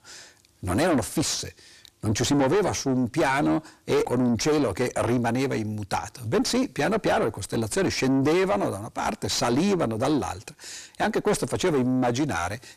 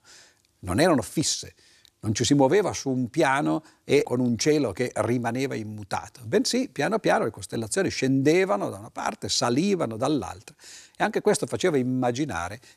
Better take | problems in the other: second | distortion; heavy; 7 dB below the speech

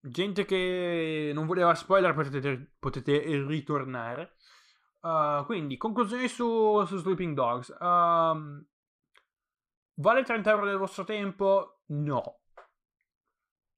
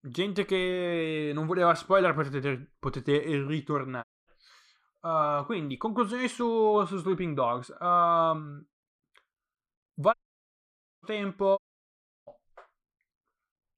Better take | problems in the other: first | audio cutting out; at 4 s, at 10 s for 1 s and at 12 s for 0.5 s

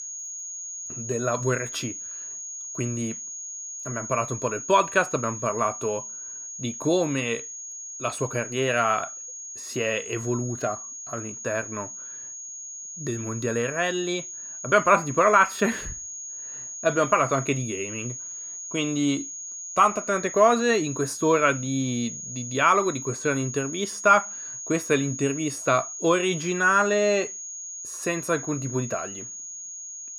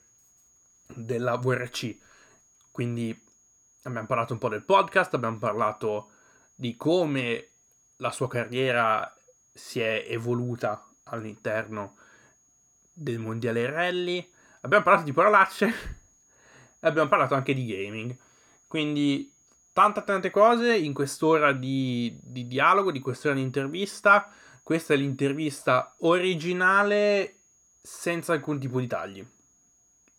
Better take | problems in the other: second | high-pitched whine; loud; throughout; 6.5 kHz, 9 dB below the speech; faint in the second

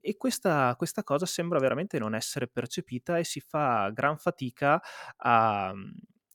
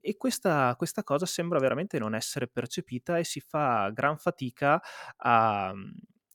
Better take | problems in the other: neither | none

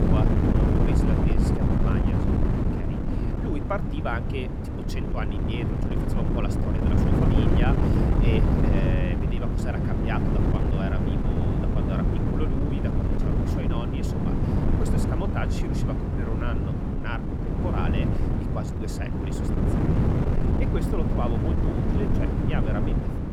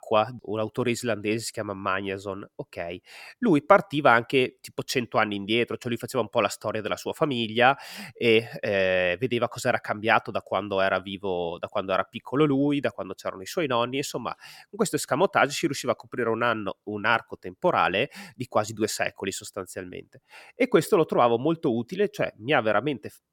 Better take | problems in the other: second | wind noise on the microphone; heavy; 4 dB above the speech

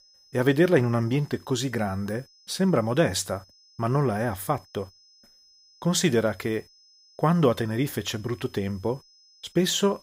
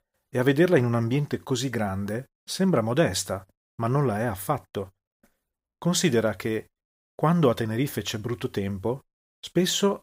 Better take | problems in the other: second | high-pitched whine; faint; throughout; 5 kHz, 30 dB below the speech

